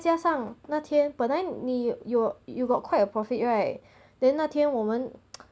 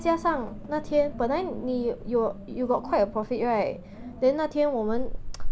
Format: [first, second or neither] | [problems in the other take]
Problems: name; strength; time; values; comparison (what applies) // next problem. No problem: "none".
first | background sound (Wind); 6 dB below the speech